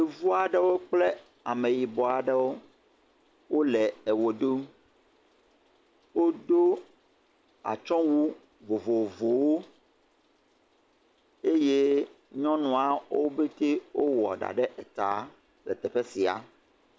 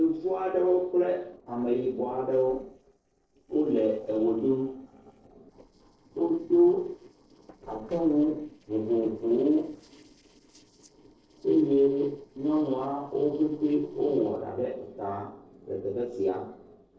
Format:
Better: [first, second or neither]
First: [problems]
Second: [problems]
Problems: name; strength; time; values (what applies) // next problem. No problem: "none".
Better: first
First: none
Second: noise reduction (neural separator model SepFormer DNS4)